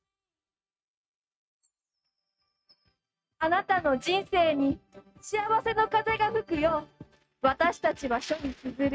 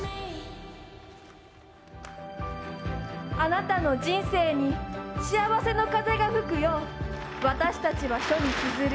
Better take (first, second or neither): second